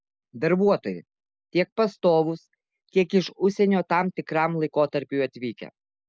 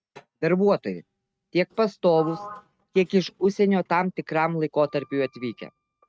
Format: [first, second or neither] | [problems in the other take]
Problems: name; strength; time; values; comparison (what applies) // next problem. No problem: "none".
first | noise reduction (neural mask model RNNoise)